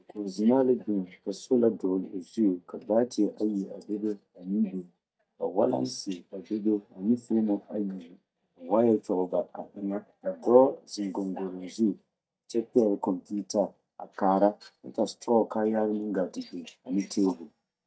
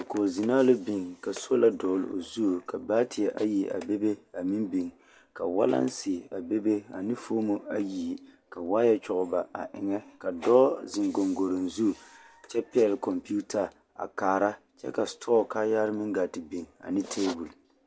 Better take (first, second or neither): second